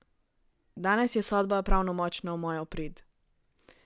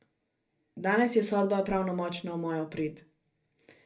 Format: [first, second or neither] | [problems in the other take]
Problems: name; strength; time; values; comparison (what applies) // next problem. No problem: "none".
first | room echo; dies away in 0.3 s